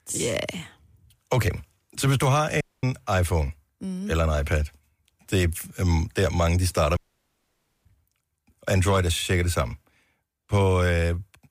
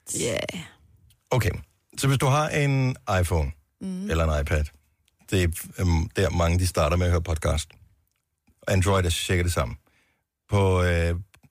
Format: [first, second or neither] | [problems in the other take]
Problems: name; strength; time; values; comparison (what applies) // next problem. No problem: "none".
second | audio cutting out; at 2.5 s and at 7 s for 1 s